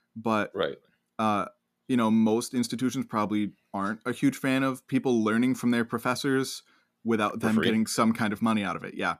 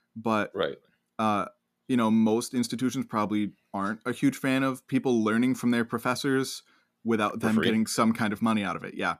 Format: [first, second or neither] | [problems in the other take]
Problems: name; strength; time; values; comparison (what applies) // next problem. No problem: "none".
neither | none